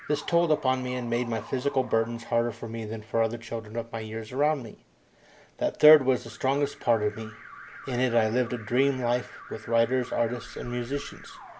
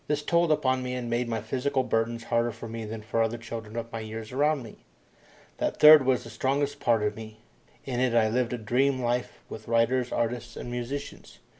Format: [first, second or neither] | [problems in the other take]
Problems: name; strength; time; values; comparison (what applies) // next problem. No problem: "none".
second | background sound (Alarm); 20 dB below the speech